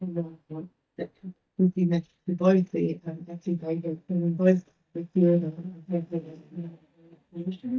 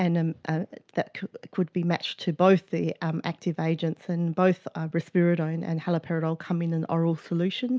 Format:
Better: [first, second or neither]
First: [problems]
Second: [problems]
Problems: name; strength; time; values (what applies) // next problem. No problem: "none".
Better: second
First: noise reduction (neural mask model DeepFilterNet 3)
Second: none